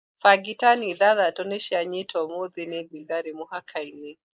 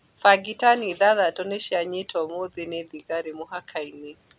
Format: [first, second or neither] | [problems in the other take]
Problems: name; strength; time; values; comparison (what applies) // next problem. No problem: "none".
second | noise reduction (neural mask model Resemble Enhance denoiser)